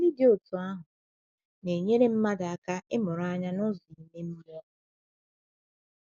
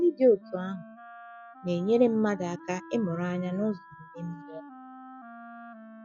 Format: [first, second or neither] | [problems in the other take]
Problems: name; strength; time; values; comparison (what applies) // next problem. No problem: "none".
first | noise reduction (classical method log-MMSE)